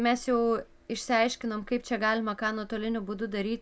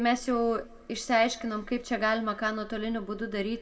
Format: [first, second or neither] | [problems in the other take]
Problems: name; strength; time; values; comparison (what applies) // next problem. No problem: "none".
first | room echo; dies away in 1 s